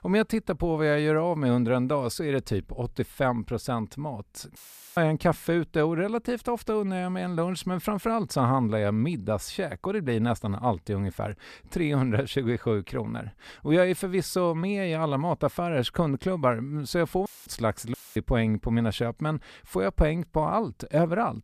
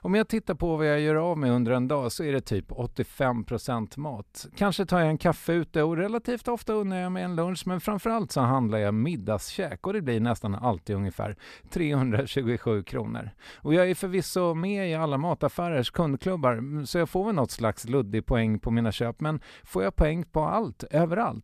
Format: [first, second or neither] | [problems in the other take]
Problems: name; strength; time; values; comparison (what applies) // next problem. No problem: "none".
second | audio cutting out; filled with static; at 4.5 s, at 17 s and at 18 s